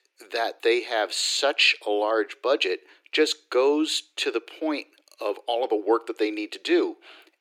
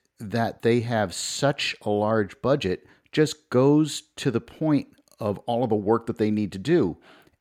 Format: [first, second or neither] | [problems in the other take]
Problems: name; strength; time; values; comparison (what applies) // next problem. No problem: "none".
second | thin; very; fading below 300 Hz